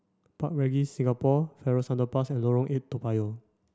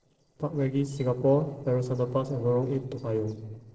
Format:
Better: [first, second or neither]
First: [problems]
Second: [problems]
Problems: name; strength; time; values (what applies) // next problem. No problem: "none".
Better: first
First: none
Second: noise reduction (neural separator model SepFormer DNS4)